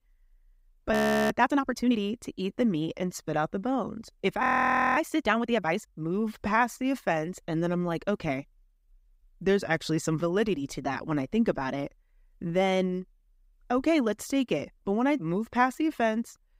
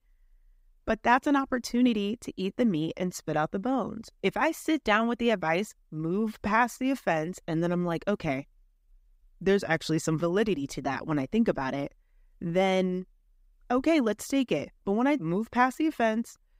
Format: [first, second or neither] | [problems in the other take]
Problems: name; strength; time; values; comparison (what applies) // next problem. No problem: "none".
second | audio freezing; at 1 s and at 4.5 s for 0.5 s